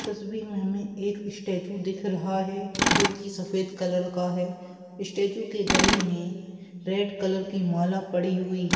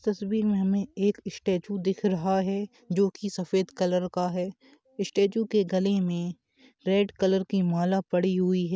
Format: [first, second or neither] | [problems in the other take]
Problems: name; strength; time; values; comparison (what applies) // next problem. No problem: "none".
second | background sound (Tools); 4 dB below the speech // room echo; dies away in 2.4 s